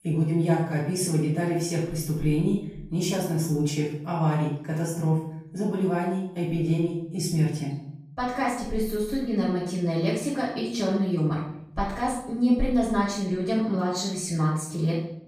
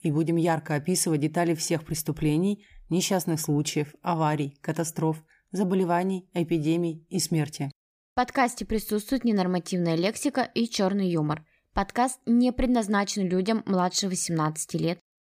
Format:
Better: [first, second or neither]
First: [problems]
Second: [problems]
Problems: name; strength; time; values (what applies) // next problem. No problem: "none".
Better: second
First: off-mic speech; far // room echo; noticeable; dies away in 0.7 s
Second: none